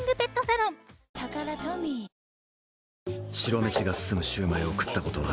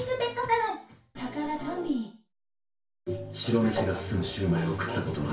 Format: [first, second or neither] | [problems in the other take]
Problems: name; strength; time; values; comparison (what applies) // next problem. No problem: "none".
first | room echo; dies away in 0.3 s